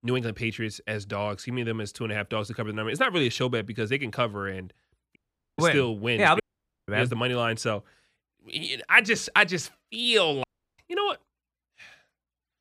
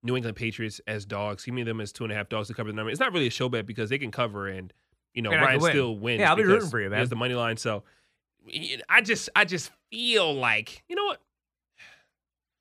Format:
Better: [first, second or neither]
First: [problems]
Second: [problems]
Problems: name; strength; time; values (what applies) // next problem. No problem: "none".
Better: second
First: audio cutting out; at 5 s, at 6.5 s and at 10 s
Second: none